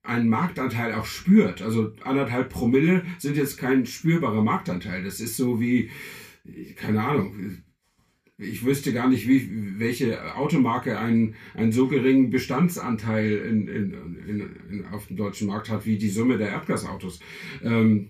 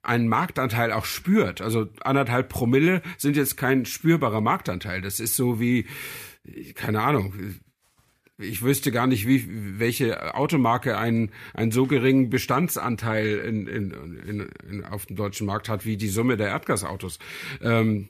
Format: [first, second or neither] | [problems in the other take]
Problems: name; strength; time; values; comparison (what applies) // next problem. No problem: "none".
second | room echo; slight; dies away in 0.2 s // off-mic speech; far